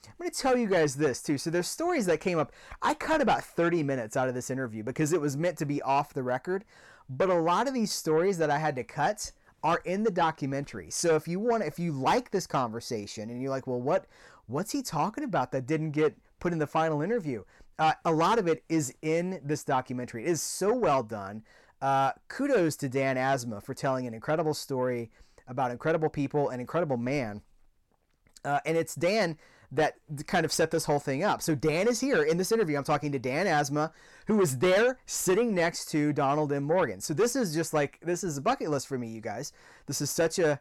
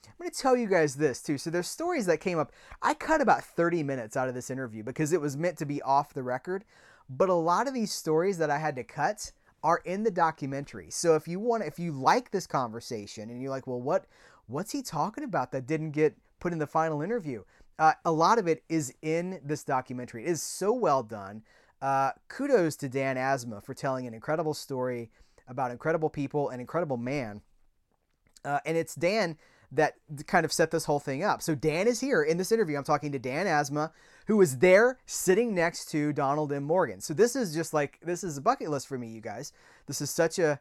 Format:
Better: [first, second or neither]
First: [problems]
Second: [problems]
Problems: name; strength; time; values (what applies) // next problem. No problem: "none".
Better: second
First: distortion; slight; 10 dB below the speech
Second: none